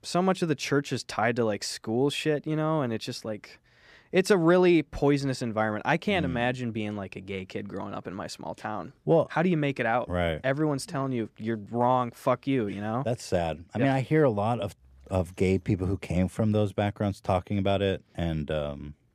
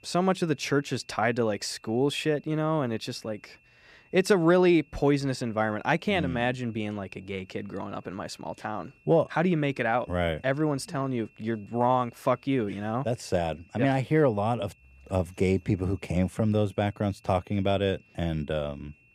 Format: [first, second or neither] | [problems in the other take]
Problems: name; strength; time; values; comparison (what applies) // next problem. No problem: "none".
first | high-pitched whine; faint; throughout; 2.5 kHz, 30 dB below the speech